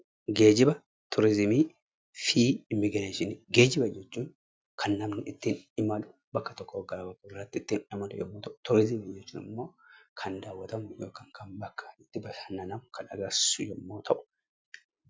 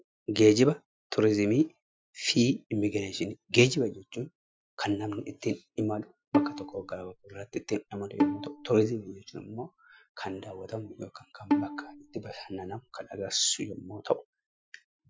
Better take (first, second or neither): first